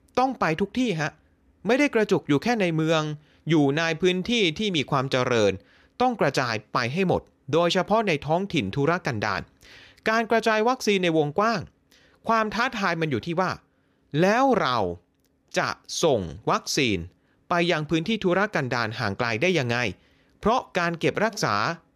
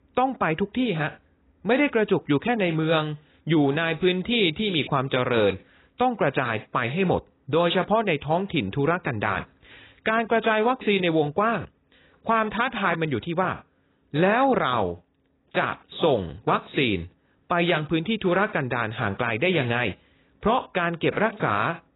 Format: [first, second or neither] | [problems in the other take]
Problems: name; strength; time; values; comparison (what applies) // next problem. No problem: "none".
first | garbled, watery; badly; nothing above 4 kHz